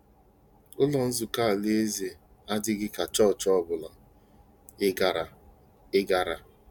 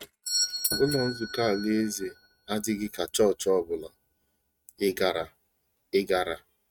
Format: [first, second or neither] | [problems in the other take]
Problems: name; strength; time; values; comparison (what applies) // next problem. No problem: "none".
first | noise reduction (neural mask model RNNoise)